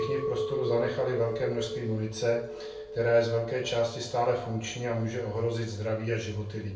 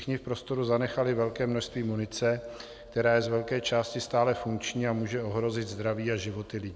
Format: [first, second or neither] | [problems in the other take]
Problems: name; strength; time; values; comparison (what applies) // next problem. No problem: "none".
second | background sound (Chink, clink); 8 dB below the speech // room echo; dies away in 0.4 s